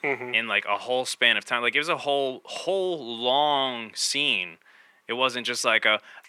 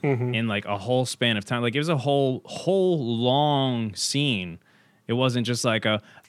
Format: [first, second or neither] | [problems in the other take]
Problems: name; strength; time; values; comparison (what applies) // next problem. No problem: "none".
second | thin; somewhat; fading below 450 Hz